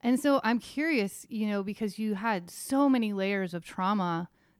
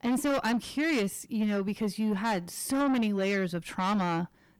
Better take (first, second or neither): first